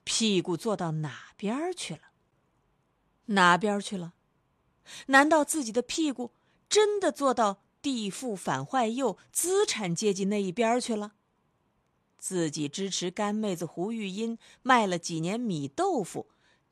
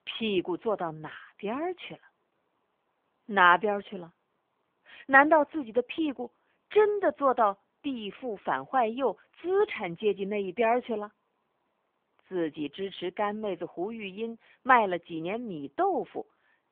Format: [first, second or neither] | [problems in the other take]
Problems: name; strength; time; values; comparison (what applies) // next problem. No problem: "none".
first | phone-call audio; nothing above 3.5 kHz